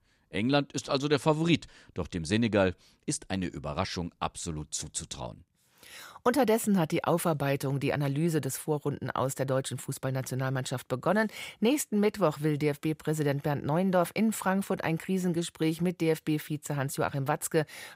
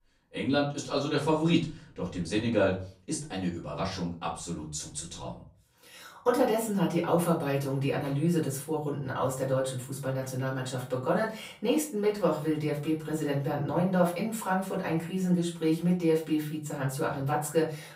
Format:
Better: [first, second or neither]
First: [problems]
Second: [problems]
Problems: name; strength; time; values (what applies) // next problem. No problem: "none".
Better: first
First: none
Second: off-mic speech; far // room echo; slight; dies away in 0.3 s